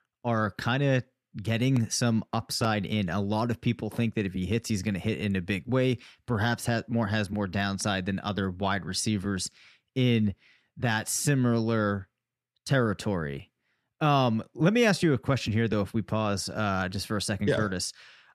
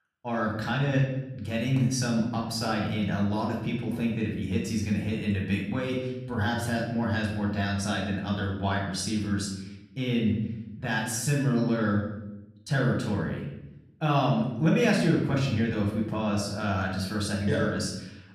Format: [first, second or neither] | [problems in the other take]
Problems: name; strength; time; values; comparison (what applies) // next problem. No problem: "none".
first | off-mic speech; far // room echo; noticeable; dies away in 0.8 s